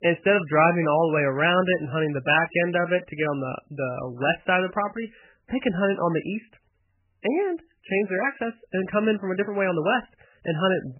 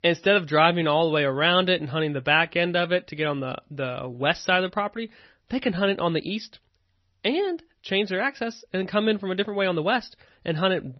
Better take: second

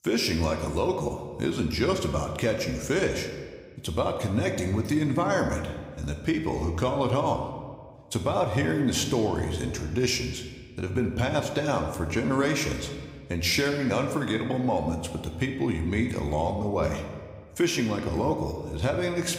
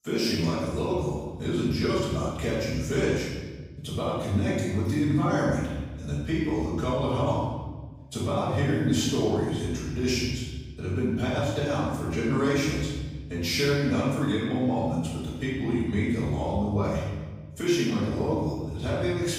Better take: first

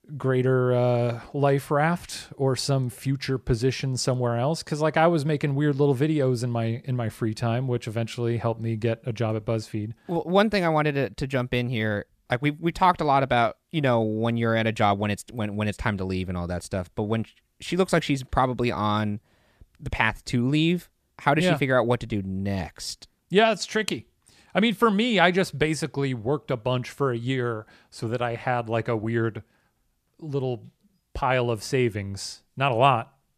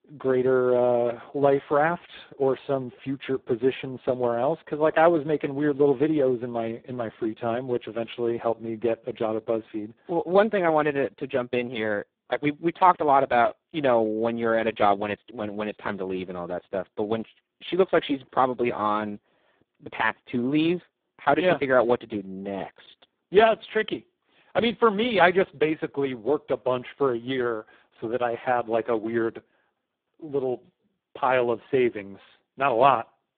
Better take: first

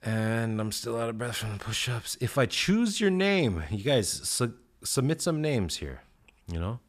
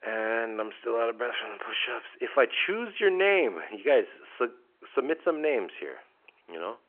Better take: first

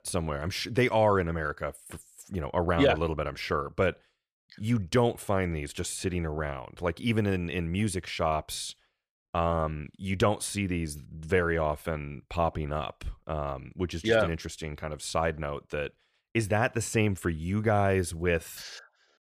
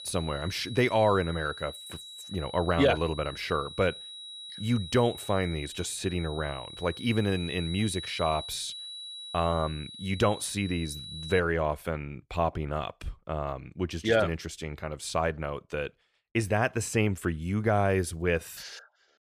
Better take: first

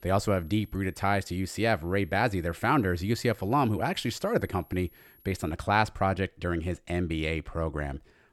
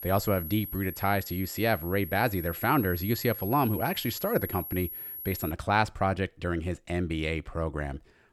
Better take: first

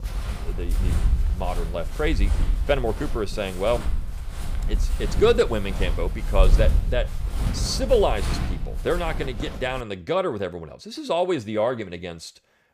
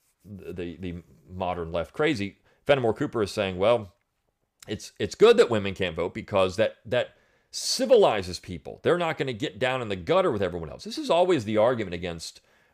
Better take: second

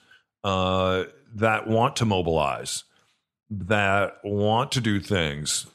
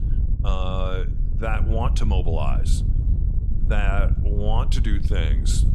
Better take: first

